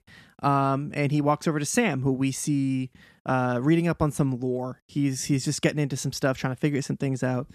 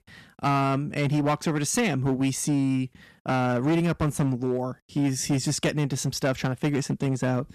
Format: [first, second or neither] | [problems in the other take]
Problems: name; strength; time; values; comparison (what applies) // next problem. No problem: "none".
first | distortion; slight; 10% of the sound clipped